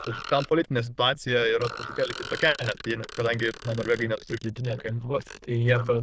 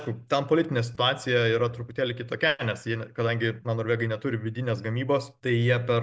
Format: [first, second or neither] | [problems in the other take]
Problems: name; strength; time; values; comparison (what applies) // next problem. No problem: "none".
second | noise reduction (neural diffusion model UNIVERSE++)